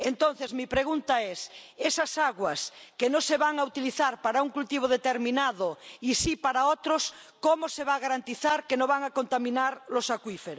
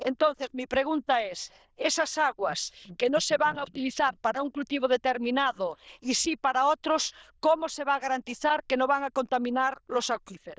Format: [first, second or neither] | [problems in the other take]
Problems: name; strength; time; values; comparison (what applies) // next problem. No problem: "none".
first | noise reduction (neural diffusion model UNIVERSE++)